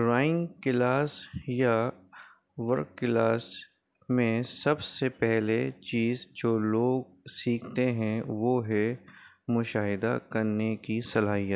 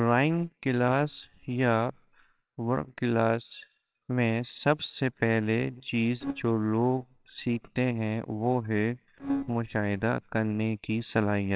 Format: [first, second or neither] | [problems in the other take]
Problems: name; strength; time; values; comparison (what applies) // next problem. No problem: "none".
first | noise reduction (neural separator model SepFormer WHAMR!)